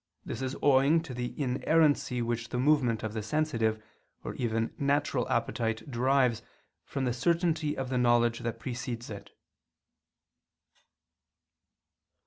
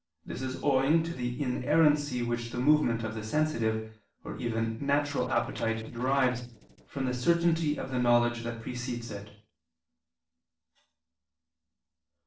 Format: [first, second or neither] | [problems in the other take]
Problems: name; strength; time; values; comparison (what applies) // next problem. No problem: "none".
first | noise reduction (neural separator model SepFormer DNS4)